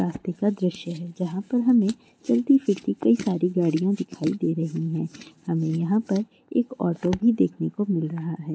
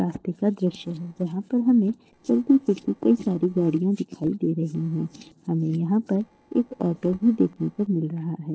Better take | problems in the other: first | noise reduction (neural separator model SepFormer DNS4)

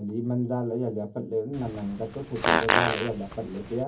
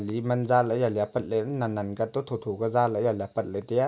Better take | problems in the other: second | background sound (Fart); 2 dB above the speech // room echo; dies away in 0.3 s

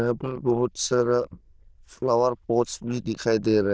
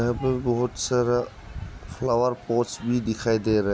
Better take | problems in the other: second | noise reduction (neural diffusion model UNIVERSE++)

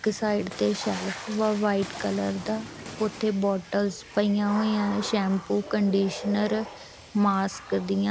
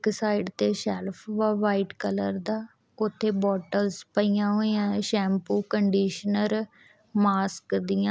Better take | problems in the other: second | background sound (Water / Splash, splatter); 14 dB below the speech

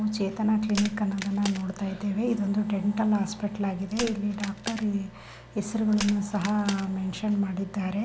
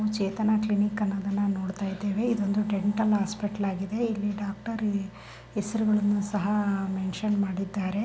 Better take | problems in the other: second | background sound (Crack); 13 dB below the speech

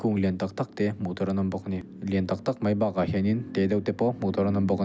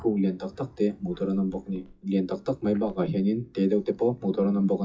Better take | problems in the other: first | noise reduction (classical method WPE with log-MMSE)

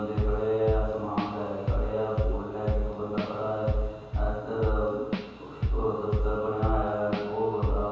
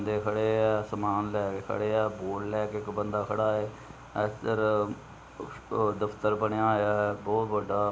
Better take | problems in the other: second | background sound (Drum / Drum kit); as loud as the speech // room echo; dies away in 1.2 s

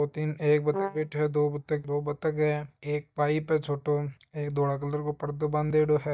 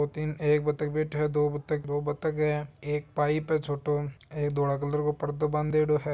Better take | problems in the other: second | noise reduction (neural mask model DeepFilterNet 3)

